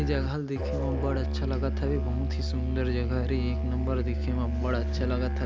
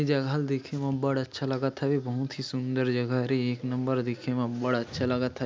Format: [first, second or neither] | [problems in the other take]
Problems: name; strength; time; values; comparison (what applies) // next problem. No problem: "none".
second | background sound (Musical instrument); 3 dB above the speech